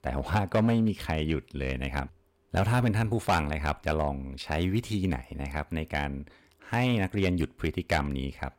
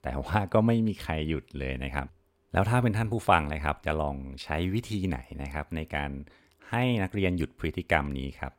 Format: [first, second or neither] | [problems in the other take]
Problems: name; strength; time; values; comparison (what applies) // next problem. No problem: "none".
second | distortion; slight; 3% of the sound clipped